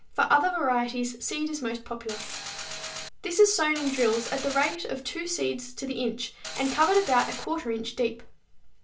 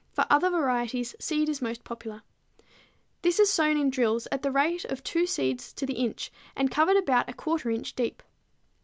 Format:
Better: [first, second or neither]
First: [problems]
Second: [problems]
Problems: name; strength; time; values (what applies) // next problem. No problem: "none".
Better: second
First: background sound (Mechanisms); 9 dB below the speech // room echo; dies away in 0.3 s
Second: none